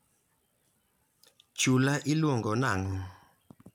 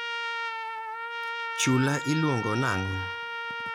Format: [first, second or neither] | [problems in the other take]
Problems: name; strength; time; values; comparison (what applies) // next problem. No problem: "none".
first | background sound (Trumpet); 3 dB below the speech